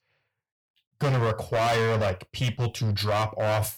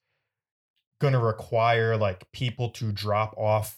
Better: second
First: distortion; heavy; 20% of the sound clipped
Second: none

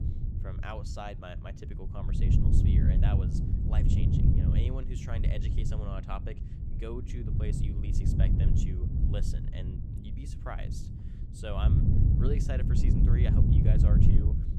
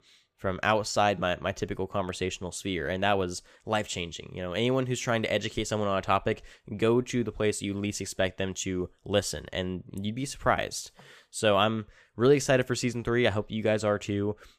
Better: second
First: wind noise on the microphone; heavy; 3 dB above the speech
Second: none

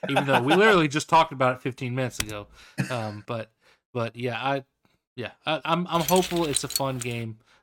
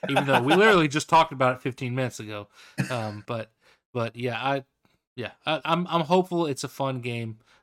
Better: second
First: keyboard typing; noticeable; at 2 s; peak 8 dB below the speech // jangling keys; noticeable; from 6 to 7 s; peak 2 dB below the speech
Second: none

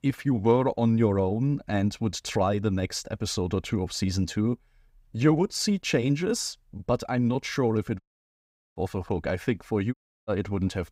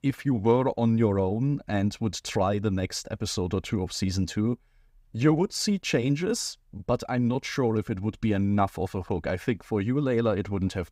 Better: second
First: audio cutting out; at 8 s for 1 s and at 10 s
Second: none

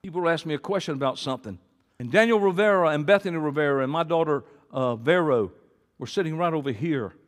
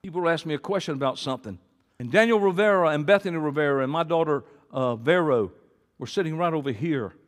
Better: neither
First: none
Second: none

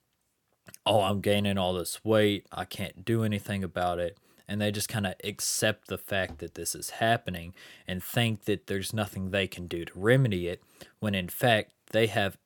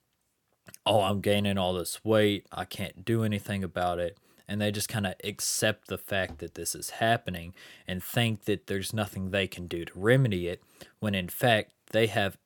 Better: neither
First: none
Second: none

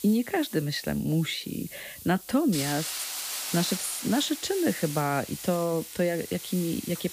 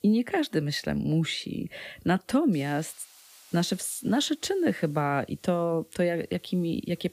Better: second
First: hiss; loud; throughout; 7 dB below the speech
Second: hiss; faint; throughout; 25 dB below the speech

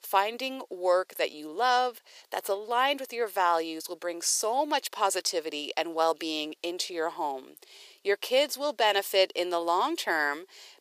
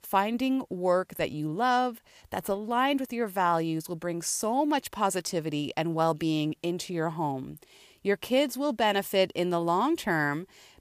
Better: second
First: thin; very; fading below 400 Hz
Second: none

